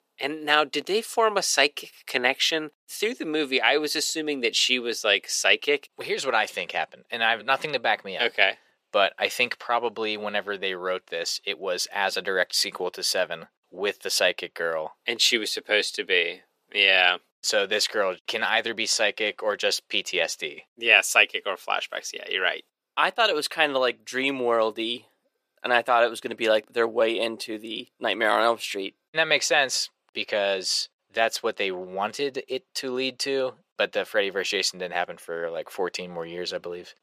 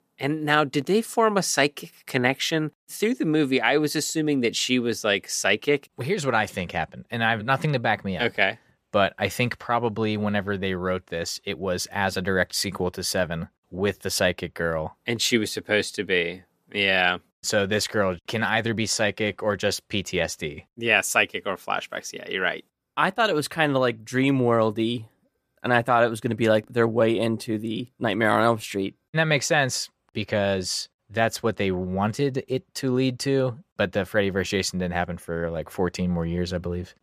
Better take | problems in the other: second | thin; somewhat; fading below 450 Hz

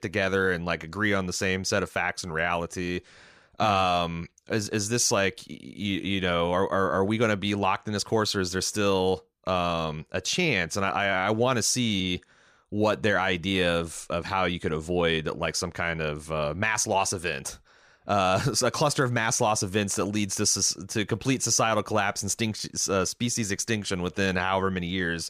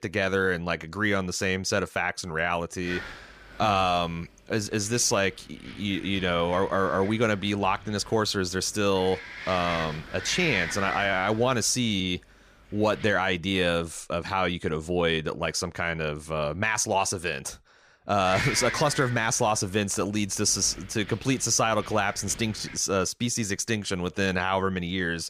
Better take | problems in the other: first | wind noise on the microphone; heavy; from 3 to 13 s and from 18 to 23 s; 9 dB below the speech

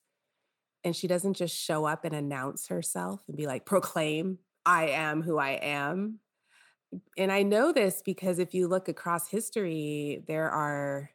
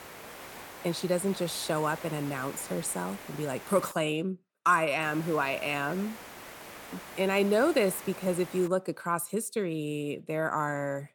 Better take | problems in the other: first | hiss; noticeable; until 4 s and from 5 to 8.5 s; 15 dB below the speech

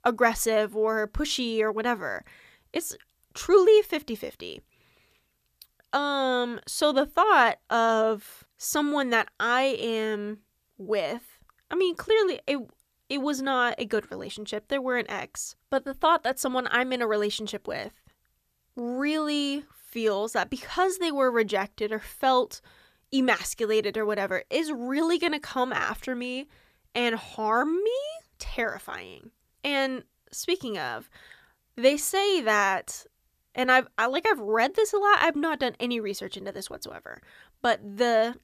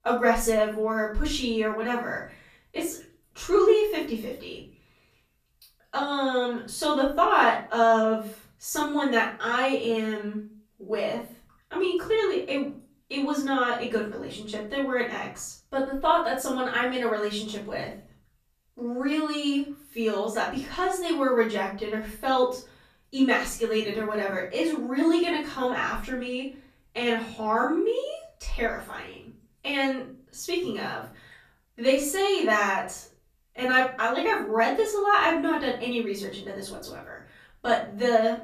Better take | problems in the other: first | off-mic speech; far // room echo; noticeable; dies away in 0.4 s

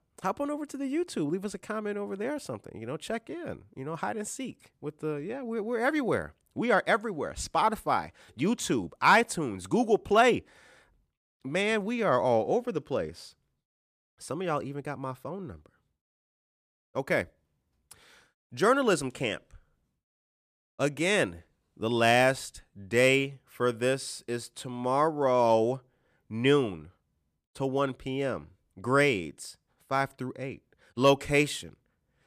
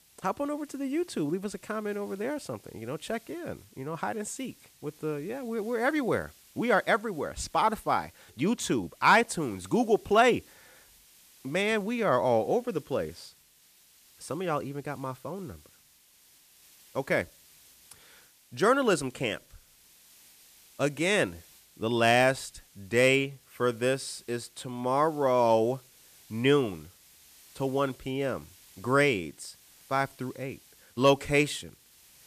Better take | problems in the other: first | hiss; faint; throughout; 25 dB below the speech

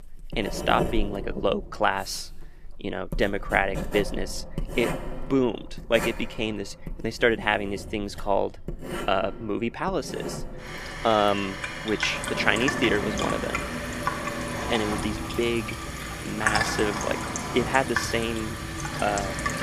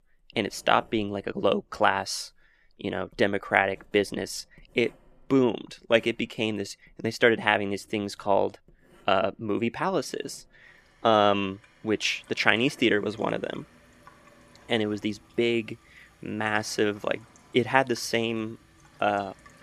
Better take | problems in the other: second | household noises; loud; throughout; 4 dB below the speech; faint in the second

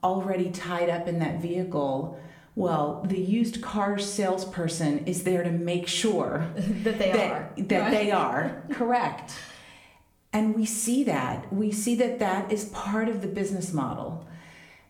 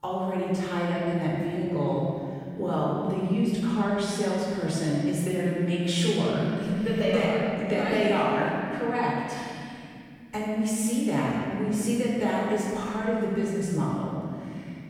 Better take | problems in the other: first | room echo; strong; dies away in 2.5 s; slight in the first // off-mic speech; far; somewhat distant in the first

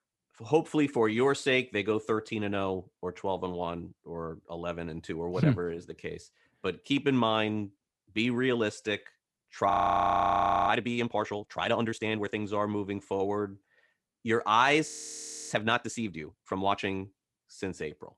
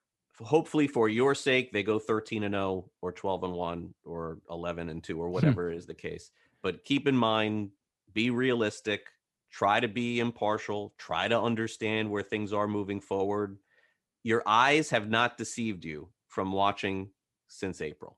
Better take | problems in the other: second | audio freezing; at 9.5 s for 1 s and at 15 s for 0.5 s

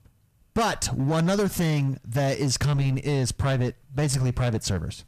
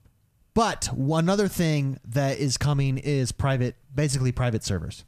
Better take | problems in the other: second | distortion; slight; 12% of the sound clipped

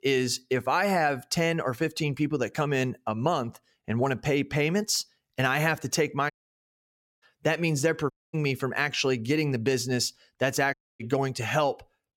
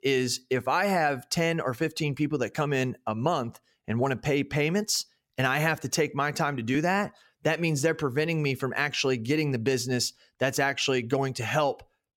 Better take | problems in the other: second | audio cutting out; at 6.5 s for 1 s, at 8 s and at 11 s

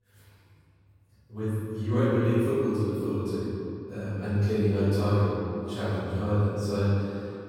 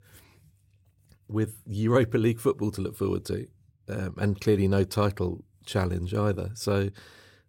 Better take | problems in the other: second | off-mic speech; far // room echo; strong; dies away in 2.6 s

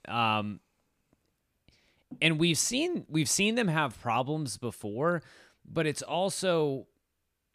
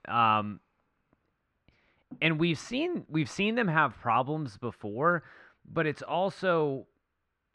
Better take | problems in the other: first | muffled; very; fading above 2.5 kHz

